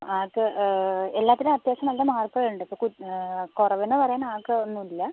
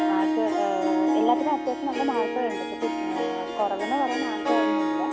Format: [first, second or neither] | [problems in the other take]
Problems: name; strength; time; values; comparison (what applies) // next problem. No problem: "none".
first | background sound (Harp); 3 dB above the speech